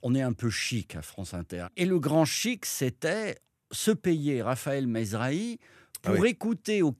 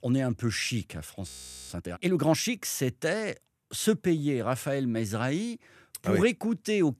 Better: first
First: none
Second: audio freezing; at 1.5 s

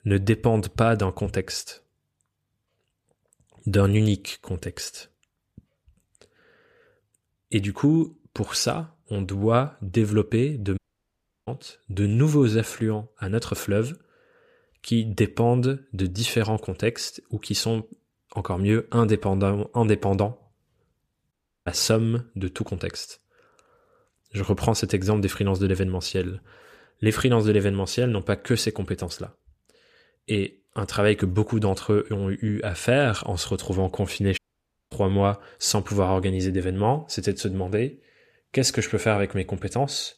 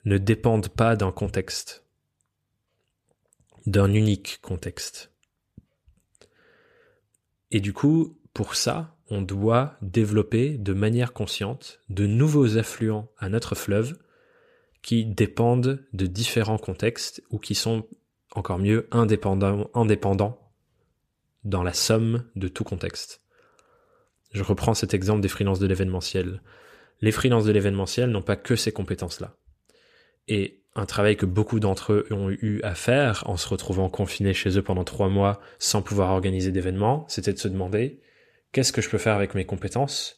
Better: second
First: audio cutting out; at 11 s for 0.5 s, at 21 s and at 34 s for 0.5 s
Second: none

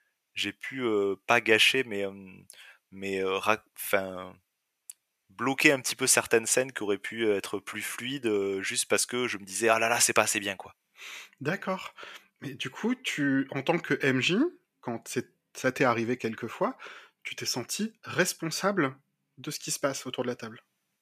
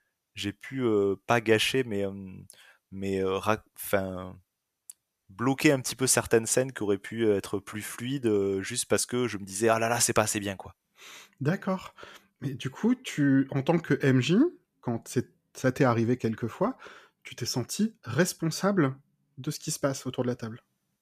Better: second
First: thin; very slightly; fading below 400 Hz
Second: none

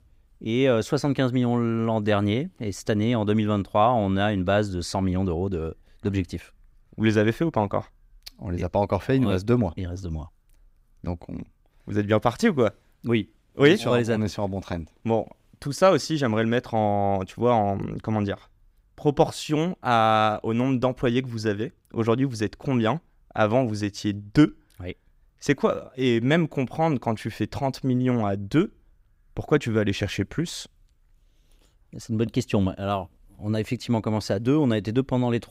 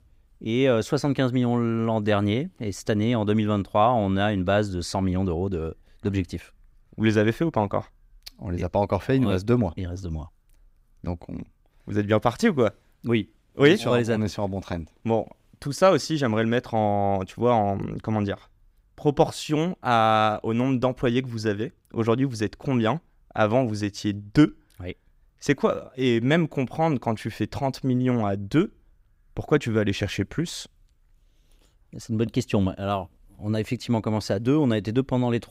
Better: neither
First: none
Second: none

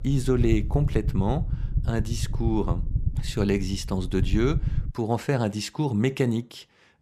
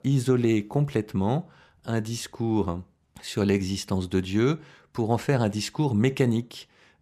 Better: second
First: low rumble; noticeable; until 5 s; 15 dB below the speech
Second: none

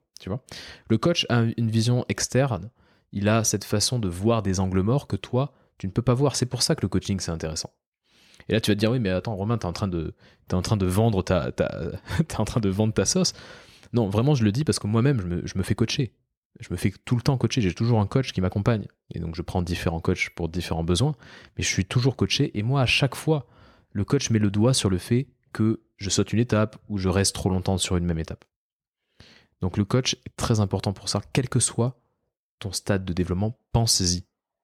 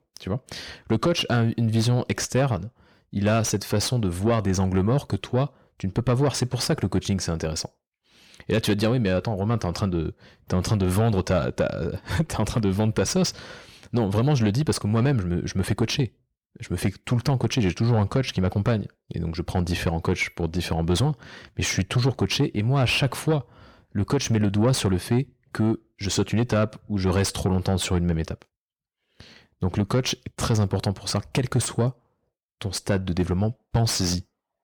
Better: first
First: none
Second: distortion; slight; 10 dB below the speech

